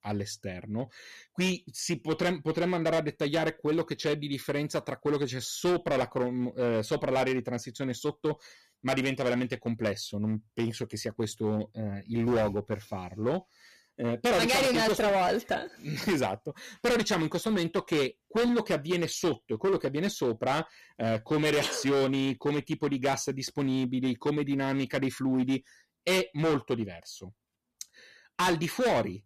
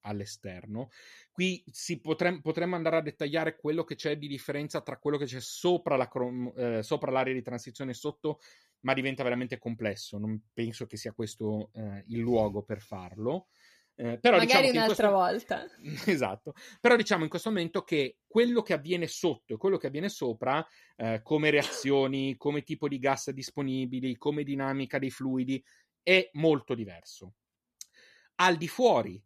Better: second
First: distortion; heavy; 11% of the sound clipped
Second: none

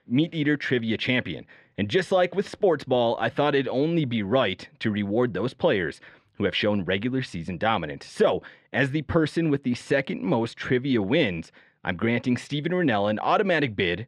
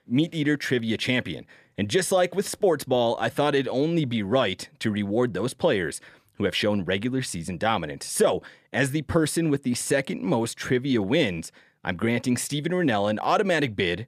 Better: second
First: muffled; slightly; fading above 3 kHz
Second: none

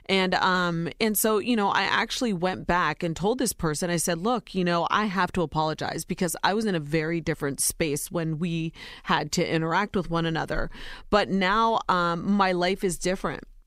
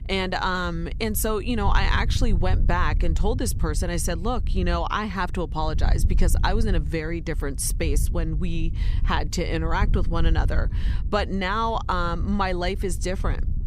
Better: first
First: none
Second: wind noise on the microphone; occasional gusts; 20 dB below the speech

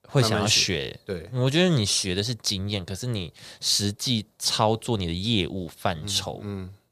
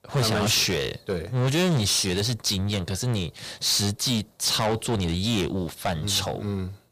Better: first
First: none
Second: distortion; heavy; 6 dB below the speech

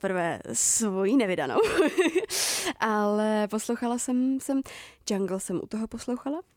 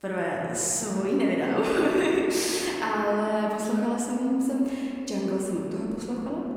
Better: first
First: none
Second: room echo; noticeable; dies away in 2.8 s // off-mic speech; somewhat distant

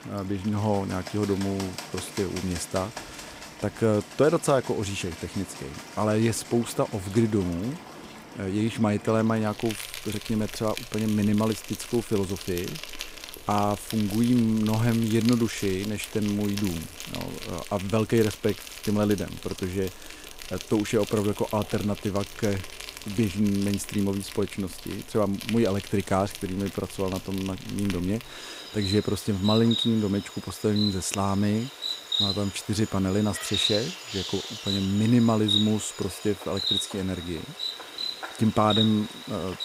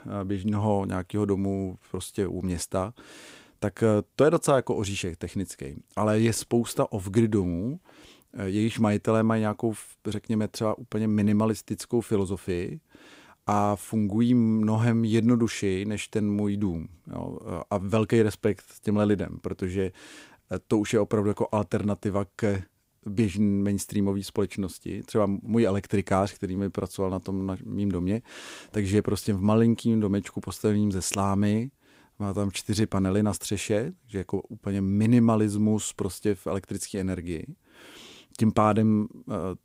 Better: second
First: animal sounds; loud; throughout; 7 dB below the speech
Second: none

